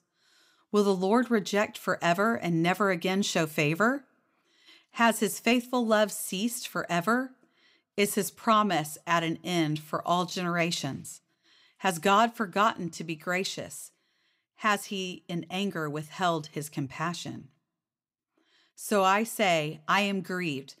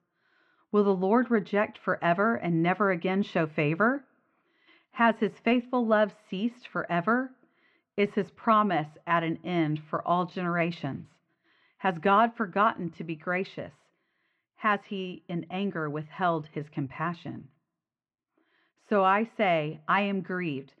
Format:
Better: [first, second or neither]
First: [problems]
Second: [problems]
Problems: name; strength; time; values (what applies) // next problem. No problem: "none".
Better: first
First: none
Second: muffled; very; fading above 2.5 kHz